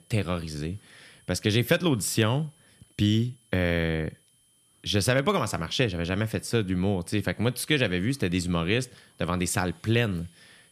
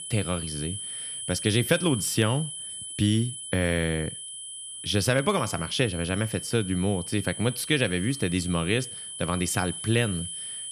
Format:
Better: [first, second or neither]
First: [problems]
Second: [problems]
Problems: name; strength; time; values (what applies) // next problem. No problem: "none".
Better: first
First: high-pitched whine; faint; throughout; 10 kHz, 35 dB below the speech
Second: high-pitched whine; loud; throughout; 10 kHz, 8 dB below the speech